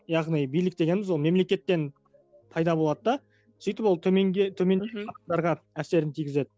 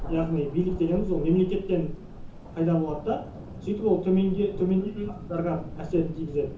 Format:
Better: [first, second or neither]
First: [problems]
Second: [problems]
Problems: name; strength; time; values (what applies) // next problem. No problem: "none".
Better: first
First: none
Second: background sound (Thunder); 10 dB below the speech // room echo; dies away in 0.6 s